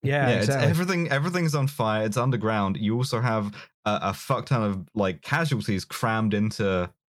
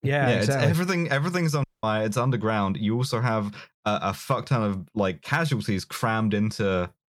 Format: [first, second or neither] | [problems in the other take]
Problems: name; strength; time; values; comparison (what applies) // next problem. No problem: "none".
first | audio cutting out; at 1.5 s